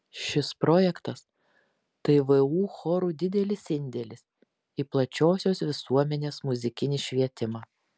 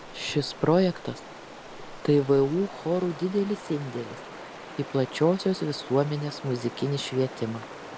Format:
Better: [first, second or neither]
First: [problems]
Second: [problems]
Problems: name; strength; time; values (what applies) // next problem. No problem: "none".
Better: first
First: none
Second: background sound (Stream); 14 dB below the speech